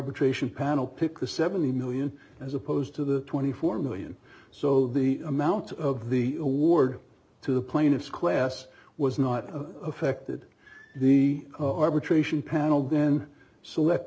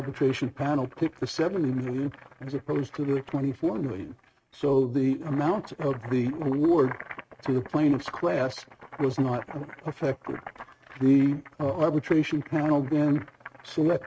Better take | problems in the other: first | noise reduction (neural mask model RNNoise)

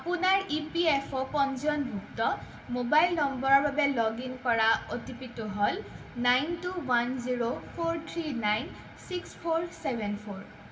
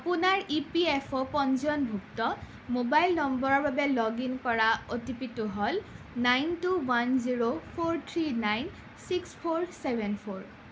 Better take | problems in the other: second | room echo; dies away in 1.8 s

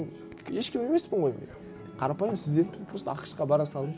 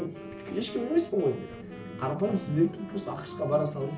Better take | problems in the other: first | background sound (Wind instrument, woodwind instrument); 15 dB below the speech // room echo; dies away in 0.4 s

